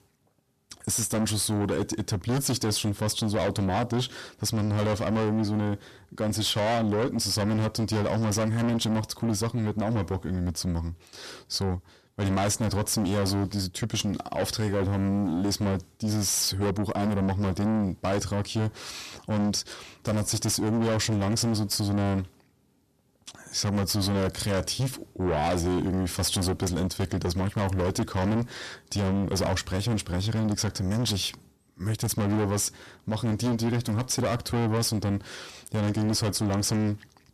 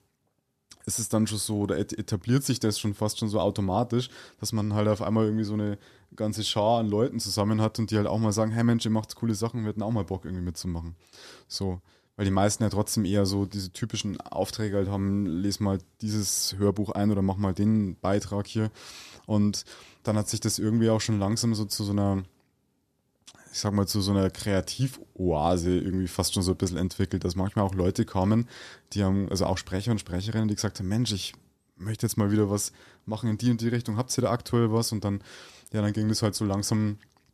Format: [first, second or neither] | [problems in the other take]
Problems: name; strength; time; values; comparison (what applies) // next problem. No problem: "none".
second | distortion; heavy; 7 dB below the speech